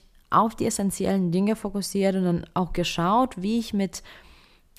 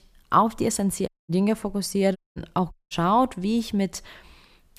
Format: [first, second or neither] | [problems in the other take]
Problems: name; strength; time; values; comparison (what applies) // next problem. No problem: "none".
first | audio cutting out; at 1 s, at 2 s and at 2.5 s